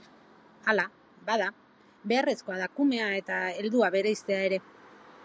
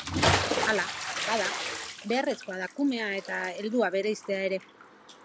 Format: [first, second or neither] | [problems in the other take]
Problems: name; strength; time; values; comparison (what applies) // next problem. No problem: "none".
first | background sound (Bathtub (filling or washing) / Splash, splatter); 2 dB below the speech